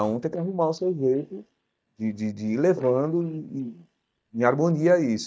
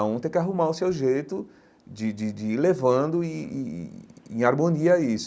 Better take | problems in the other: second | noise reduction (neural mask model DeepFilterNet 3)

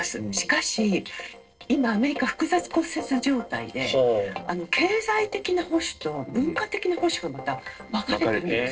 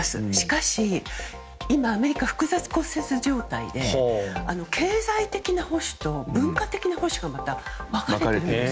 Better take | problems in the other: second | noise reduction (neural separator model SepFormer DNS4)

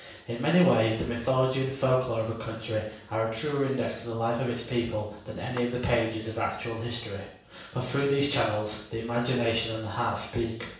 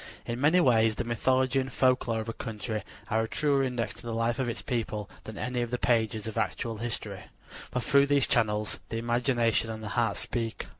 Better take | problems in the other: second | background sound (Clapping); 17 dB below the speech // room echo; dies away in 0.7 s

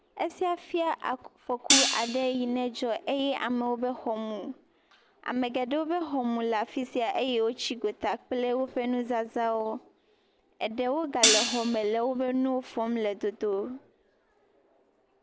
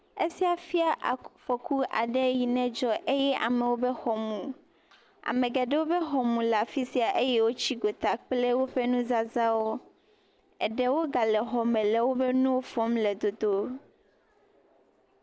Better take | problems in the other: second | background sound (Hi-hat); 1 dB above the speech

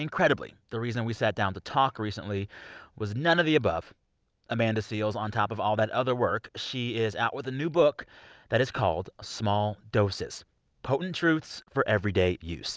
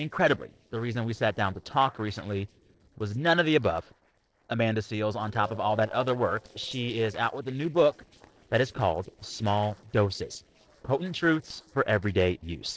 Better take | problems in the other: first | noise reduction (neural separator model SepFormer DNS4)

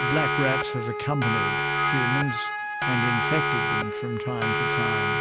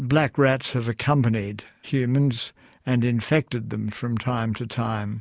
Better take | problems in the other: second | background sound (Wind instrument, woodwind instrument + Siren); 4 dB above the speech

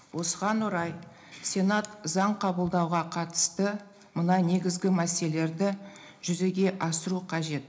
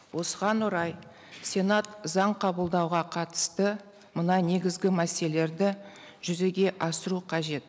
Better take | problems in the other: second | room echo; dies away in 0.4 s

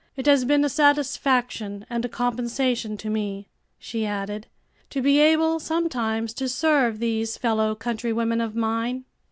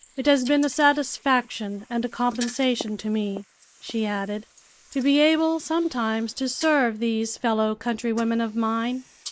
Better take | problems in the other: first | noise reduction (neural mask model Resemble Enhance denoiser)

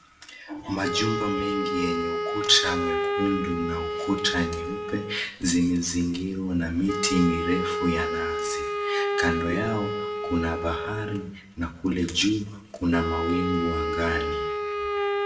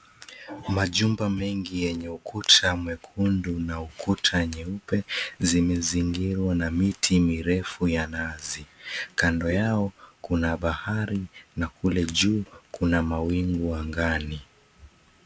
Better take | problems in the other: second | background sound (Wind instrument, woodwind instrument); 2 dB below the speech // room echo; dies away in 0.6 s

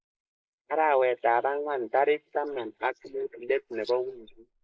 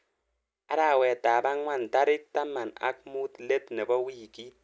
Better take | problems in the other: second | noise reduction (neural mask model Resemble Enhance denoiser)

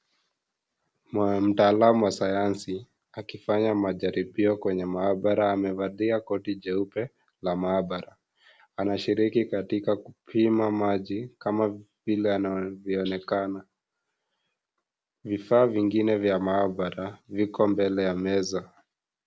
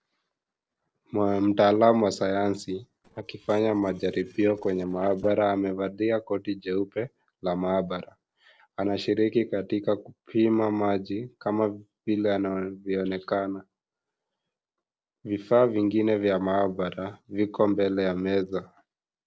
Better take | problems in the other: first | noise reduction (neural separator model SepFormer DNS4)

